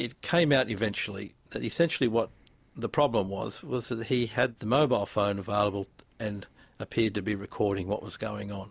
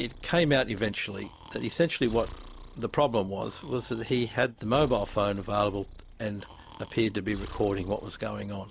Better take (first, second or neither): first